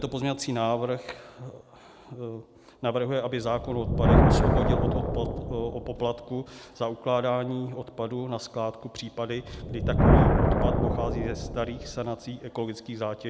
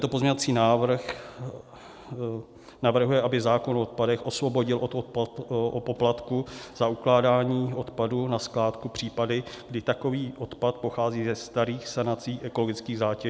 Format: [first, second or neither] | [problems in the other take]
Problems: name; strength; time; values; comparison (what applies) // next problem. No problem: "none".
second | background sound (Thunder); 4 dB above the speech